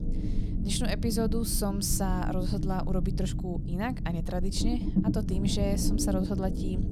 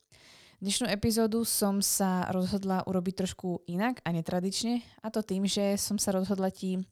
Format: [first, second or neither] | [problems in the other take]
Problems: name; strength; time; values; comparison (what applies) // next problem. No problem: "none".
second | low rumble; loud; throughout; 6 dB below the speech